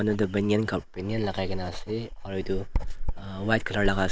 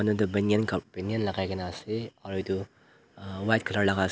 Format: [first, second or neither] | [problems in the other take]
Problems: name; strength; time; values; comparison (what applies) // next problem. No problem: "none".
second | noise reduction (neural mask model Resemble Enhance denoiser)